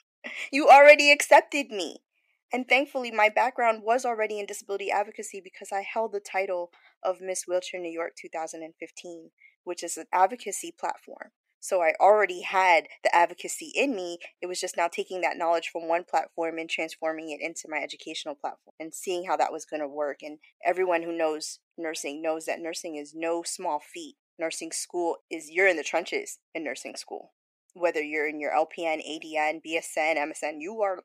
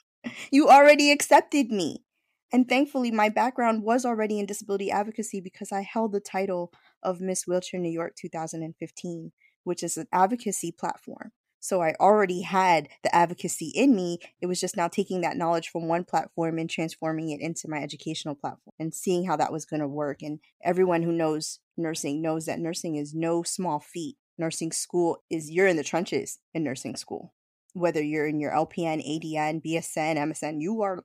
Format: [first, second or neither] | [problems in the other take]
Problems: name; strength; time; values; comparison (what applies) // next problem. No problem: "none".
second | thin; somewhat; fading below 350 Hz